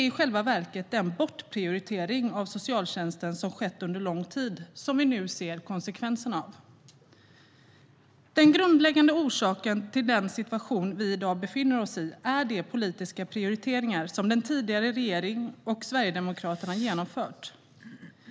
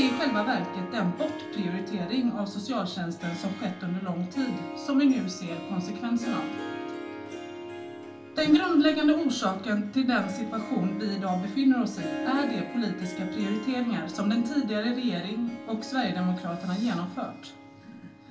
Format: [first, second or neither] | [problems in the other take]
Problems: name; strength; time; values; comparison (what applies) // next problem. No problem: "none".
first | background sound (Harp); 10 dB below the speech // room echo; dies away in 0.3 s